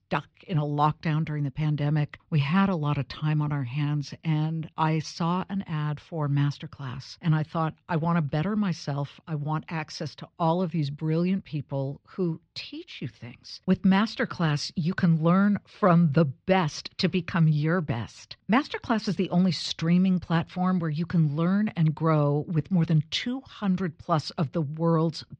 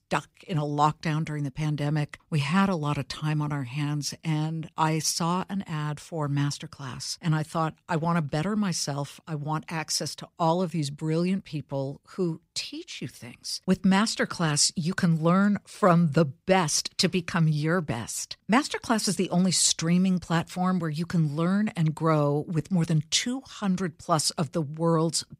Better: second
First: muffled; slightly; fading above 4 kHz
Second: none

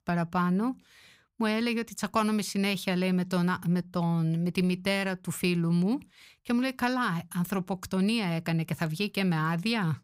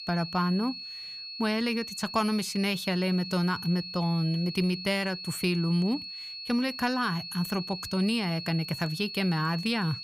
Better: first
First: none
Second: high-pitched whine; loud; throughout; 4.5 kHz, 8 dB below the speech

